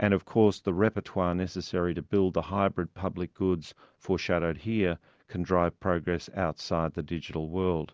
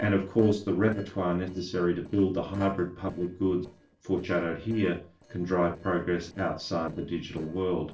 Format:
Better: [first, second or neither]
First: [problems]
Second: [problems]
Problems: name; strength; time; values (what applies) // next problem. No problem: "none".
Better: first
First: none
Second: noise reduction (neural separator model SepFormer DNS4)